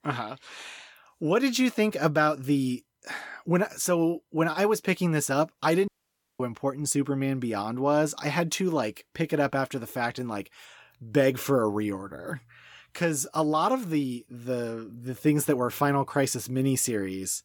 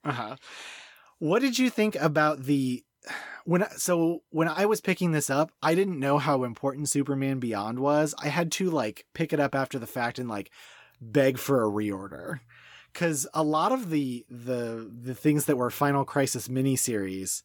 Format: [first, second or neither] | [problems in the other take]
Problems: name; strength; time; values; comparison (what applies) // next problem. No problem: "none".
second | audio cutting out; at 6 s for 0.5 s